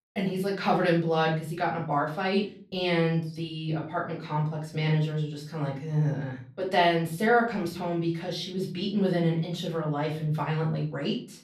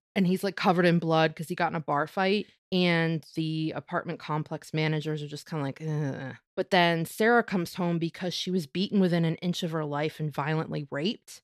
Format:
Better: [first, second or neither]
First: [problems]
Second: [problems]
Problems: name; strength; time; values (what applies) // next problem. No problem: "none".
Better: second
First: off-mic speech; far // room echo; slight; dies away in 0.3 s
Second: none